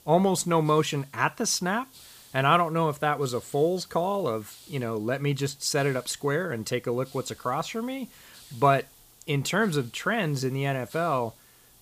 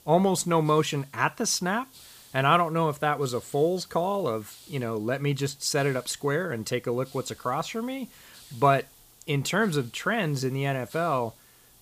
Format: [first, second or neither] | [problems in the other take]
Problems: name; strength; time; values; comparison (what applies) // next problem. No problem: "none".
neither | hiss; faint; throughout; 25 dB below the speech; the same in both